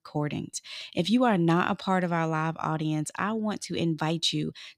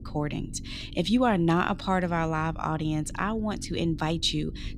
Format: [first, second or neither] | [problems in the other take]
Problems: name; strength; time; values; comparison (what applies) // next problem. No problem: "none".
first | low rumble; faint; throughout; 25 dB below the speech